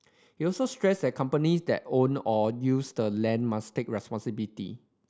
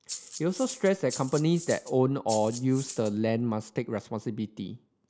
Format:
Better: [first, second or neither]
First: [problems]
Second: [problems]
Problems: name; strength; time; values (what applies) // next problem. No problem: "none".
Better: first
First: none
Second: background sound (Rattle (instrument)); 13 dB below the speech